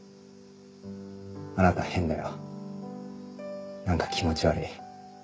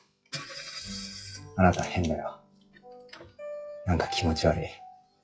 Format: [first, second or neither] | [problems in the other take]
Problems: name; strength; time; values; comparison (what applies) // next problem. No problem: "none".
first | noise reduction (classical method log-MMSE)